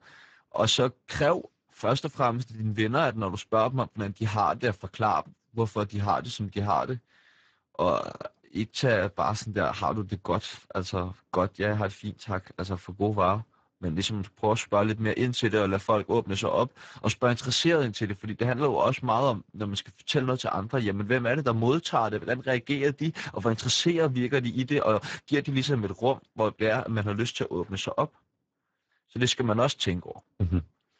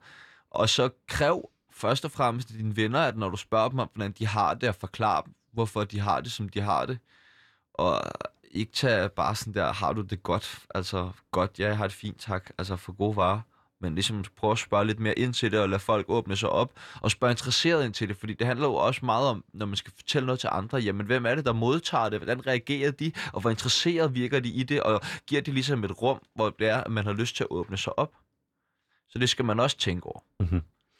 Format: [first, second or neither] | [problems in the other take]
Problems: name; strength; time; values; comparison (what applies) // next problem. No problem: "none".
second | garbled, watery; badly; nothing above 7.5 kHz